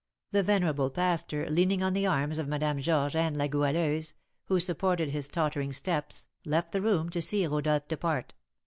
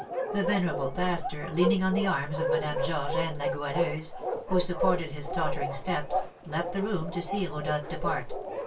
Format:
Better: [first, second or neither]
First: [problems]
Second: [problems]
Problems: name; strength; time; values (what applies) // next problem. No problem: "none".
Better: first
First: none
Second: background sound (Bark); 3 dB below the speech // room echo; dies away in 0.2 s